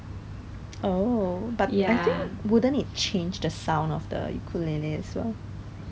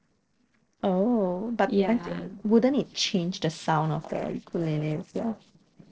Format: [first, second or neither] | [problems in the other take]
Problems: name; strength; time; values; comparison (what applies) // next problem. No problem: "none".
first | noise reduction (neural separator model SepFormer DNS4)